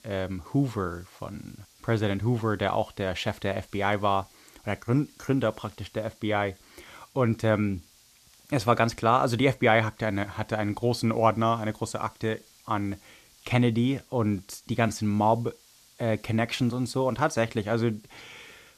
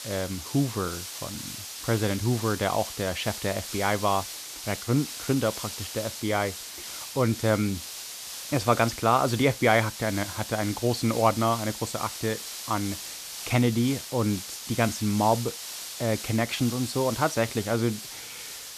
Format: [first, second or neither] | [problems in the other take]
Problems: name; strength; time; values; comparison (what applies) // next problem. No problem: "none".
first | hiss; loud; throughout; 9 dB below the speech; faint in the first